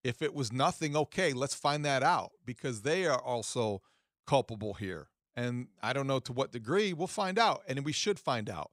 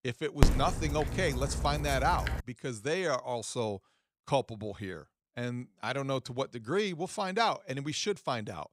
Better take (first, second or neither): first